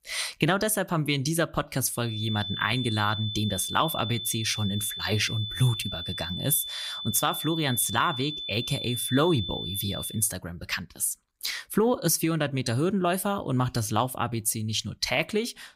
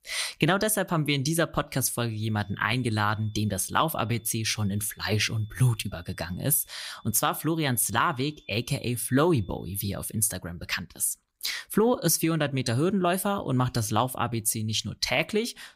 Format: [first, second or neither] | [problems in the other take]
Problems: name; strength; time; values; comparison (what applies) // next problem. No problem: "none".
second | high-pitched whine; loud; from 2 to 10 s; 3.5 kHz, 6 dB below the speech; faint in the second